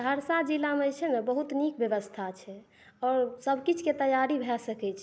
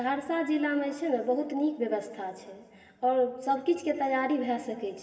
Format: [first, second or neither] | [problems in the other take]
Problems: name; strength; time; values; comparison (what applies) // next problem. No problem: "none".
first | room echo; dies away in 2.3 s